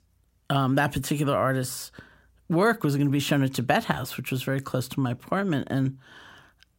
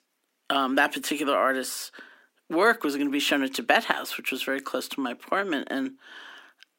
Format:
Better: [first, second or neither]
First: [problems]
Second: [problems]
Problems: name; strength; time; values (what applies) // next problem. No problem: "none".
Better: first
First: none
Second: thin; very slightly; fading below 250 Hz